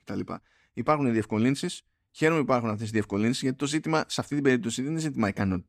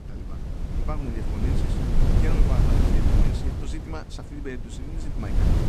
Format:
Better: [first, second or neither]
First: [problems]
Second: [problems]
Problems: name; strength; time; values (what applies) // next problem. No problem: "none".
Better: first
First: none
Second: wind noise on the microphone; heavy; 4 dB above the speech